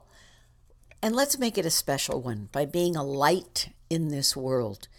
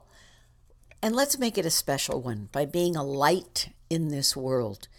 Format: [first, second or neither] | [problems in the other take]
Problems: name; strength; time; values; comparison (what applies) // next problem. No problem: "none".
neither | none